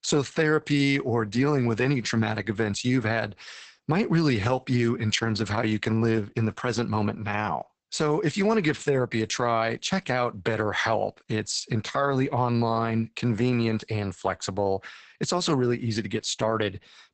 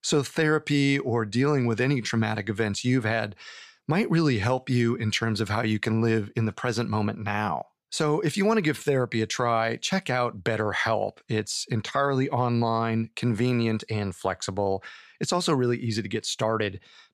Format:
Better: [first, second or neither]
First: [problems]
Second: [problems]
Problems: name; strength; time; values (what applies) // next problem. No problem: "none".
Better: second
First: garbled, watery; badly; nothing above 8 kHz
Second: none